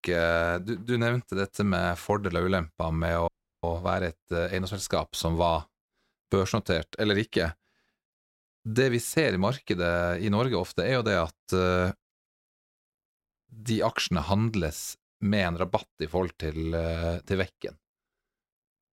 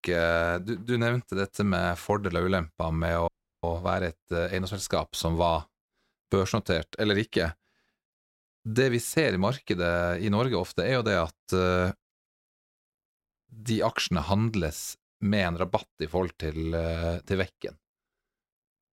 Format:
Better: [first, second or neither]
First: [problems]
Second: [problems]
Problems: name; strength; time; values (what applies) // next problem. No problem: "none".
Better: neither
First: audio cutting out; at 3.5 s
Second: audio cutting out; at 3.5 s